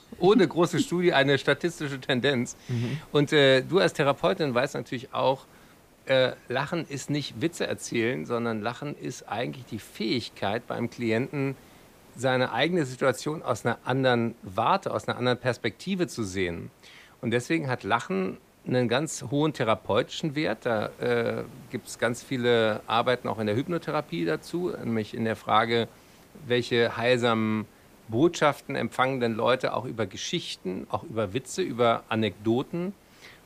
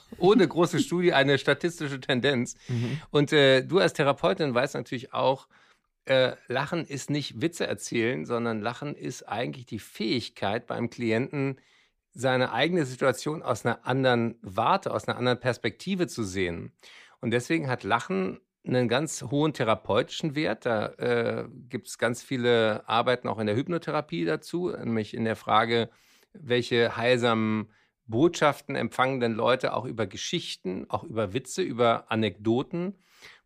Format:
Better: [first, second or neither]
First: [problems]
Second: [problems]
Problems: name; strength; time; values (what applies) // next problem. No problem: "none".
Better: second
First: hiss; faint; throughout; 25 dB below the speech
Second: none